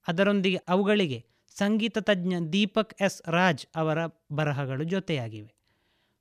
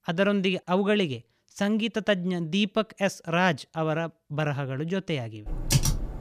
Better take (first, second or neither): first